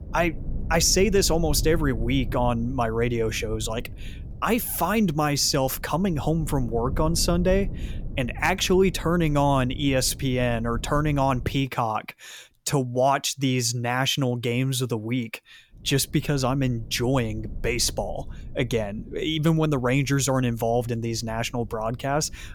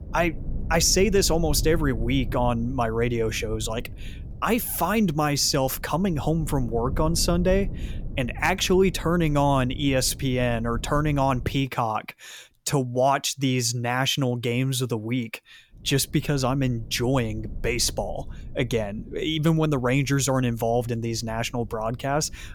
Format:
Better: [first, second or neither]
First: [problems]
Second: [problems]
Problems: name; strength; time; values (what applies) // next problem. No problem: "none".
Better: neither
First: low rumble; faint; until 12 s and from 16 s on; 25 dB below the speech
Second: low rumble; faint; until 12 s and from 16 s on; 25 dB below the speech